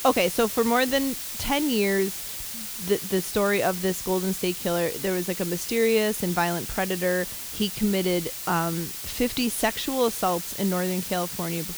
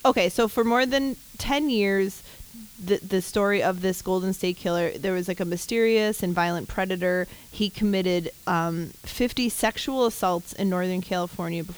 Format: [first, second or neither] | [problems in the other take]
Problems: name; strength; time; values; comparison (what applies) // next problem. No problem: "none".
second | hiss; loud; throughout; 6 dB below the speech; faint in the second